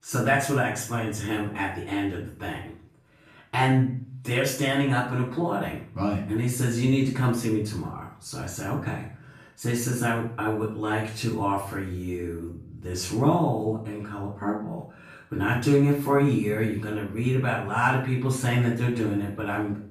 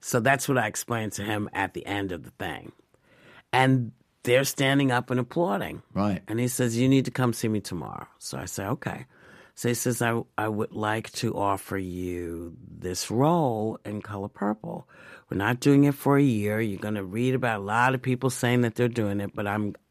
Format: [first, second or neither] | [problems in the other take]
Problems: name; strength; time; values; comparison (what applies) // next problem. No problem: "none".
second | off-mic speech; far // room echo; noticeable; dies away in 0.5 s